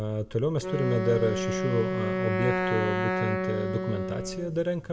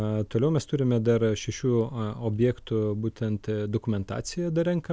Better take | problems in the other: second | background sound (Wind instrument, woodwind instrument); 1 dB below the speech // room echo; dies away in 2.2 s

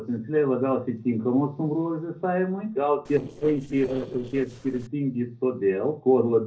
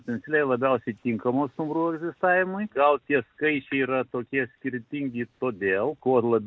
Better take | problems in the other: second | noise reduction (neural separator model SepFormer DNS4)

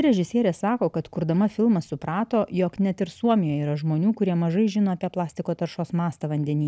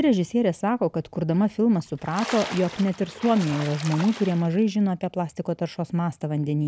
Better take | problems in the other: first | background sound (Splash, splatter); 13 dB below the speech

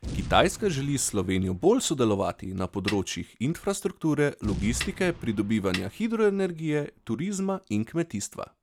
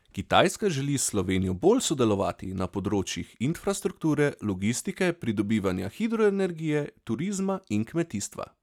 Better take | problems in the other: second | background sound (Boom + Snare drum); 14 dB below the speech

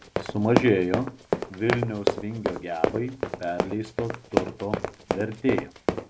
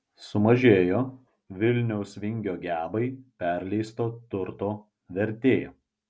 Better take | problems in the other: second | background sound (Run); 1 dB below the speech

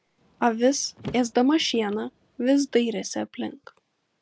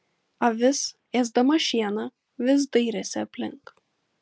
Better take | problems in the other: second | background sound (Car); 20 dB below the speech

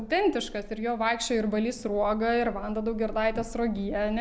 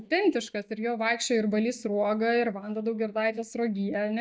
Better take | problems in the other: first | noise reduction (neural mask model DeepFilterNet 3)

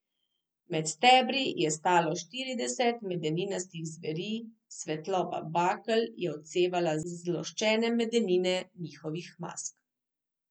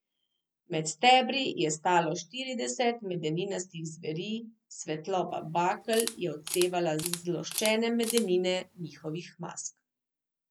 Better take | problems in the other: first | background sound (Camera); 10 dB below the speech

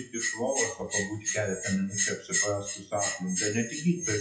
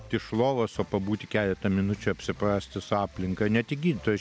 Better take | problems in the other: second | noise reduction (classical method WPE with log-MMSE)

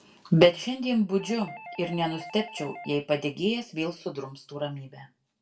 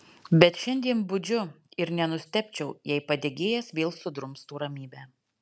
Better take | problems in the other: second | background sound (Doorbell); 16 dB below the speech // room echo; dies away in 0.2 s

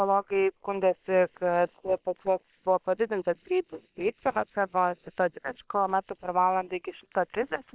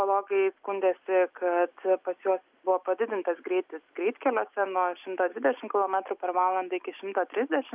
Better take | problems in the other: second | noise reduction (neural separator model SepFormer WHAM!)

